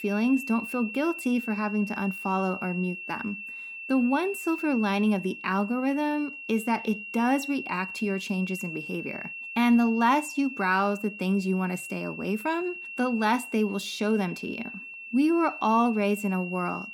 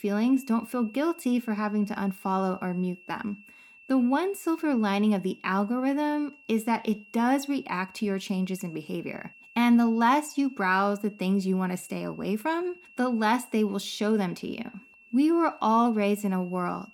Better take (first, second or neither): second